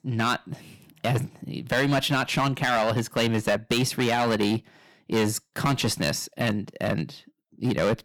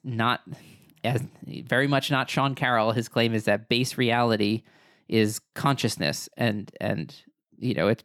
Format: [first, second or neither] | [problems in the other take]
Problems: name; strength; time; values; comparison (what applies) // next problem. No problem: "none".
second | distortion; heavy; 8% of the sound clipped